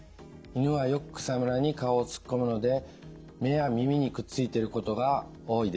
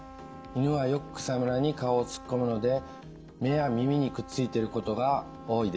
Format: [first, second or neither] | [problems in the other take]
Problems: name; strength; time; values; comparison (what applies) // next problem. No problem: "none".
first | background sound (Trumpet); 17 dB below the speech